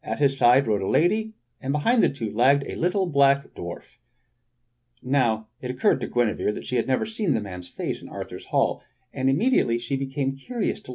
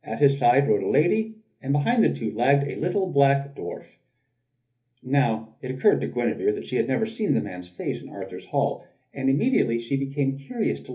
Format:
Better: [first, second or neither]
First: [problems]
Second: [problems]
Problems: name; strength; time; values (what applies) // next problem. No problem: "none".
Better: first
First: none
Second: room echo; dies away in 0.3 s